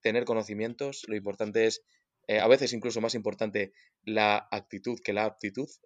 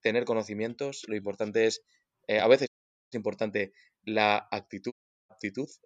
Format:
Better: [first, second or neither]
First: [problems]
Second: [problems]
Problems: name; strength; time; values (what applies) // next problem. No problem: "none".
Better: first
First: none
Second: audio cutting out; at 2.5 s and at 5 s